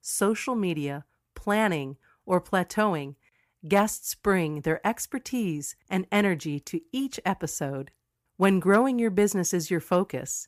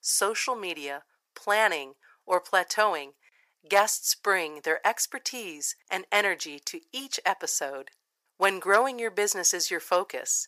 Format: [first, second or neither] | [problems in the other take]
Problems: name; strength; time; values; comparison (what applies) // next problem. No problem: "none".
first | thin; very; fading below 500 Hz